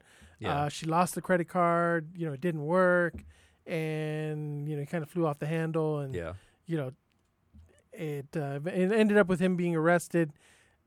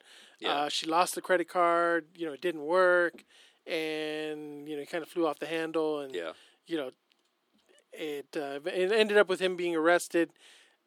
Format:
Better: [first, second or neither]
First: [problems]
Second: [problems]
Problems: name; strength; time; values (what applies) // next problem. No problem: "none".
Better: first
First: none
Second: thin; somewhat; fading below 300 Hz